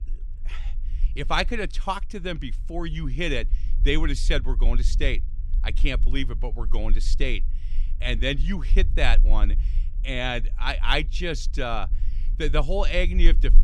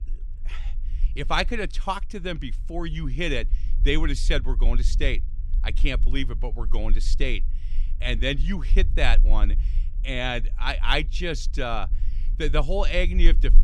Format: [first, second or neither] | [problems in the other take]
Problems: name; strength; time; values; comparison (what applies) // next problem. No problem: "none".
neither | low rumble; faint; throughout; 25 dB below the speech; the same in both